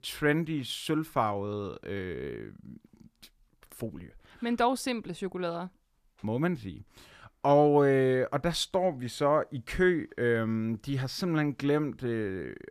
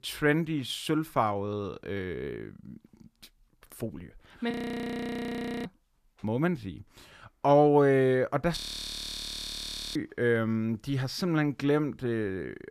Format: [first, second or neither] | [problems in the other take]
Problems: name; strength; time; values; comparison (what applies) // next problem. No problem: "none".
first | audio freezing; at 4.5 s for 1 s and at 8.5 s for 1.5 s